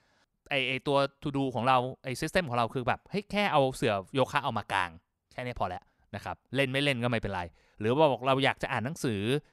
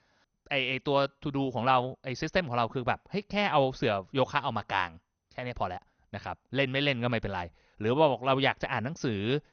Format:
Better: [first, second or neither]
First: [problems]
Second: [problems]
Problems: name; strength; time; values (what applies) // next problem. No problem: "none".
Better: first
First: none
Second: garbled, watery; slightly; nothing above 6.5 kHz